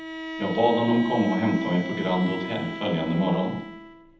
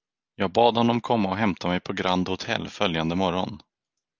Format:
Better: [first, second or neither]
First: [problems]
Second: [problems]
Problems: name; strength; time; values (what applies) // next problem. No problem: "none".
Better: second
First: background sound (Bowed string instrument); 9 dB below the speech // room echo; dies away in 0.8 s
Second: none